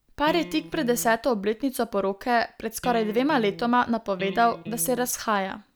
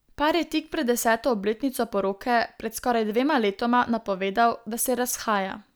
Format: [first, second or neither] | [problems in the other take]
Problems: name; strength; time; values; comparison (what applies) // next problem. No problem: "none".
second | background sound (Electric guitar); 14 dB below the speech